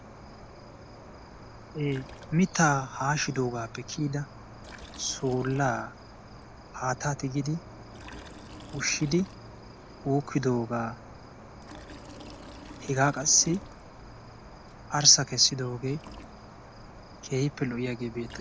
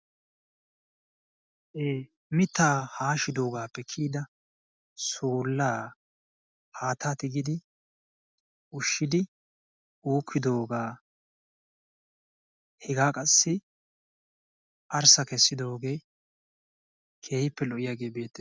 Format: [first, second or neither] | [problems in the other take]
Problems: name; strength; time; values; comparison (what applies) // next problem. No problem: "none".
second | background sound (Cricket + Liquid); 15 dB below the speech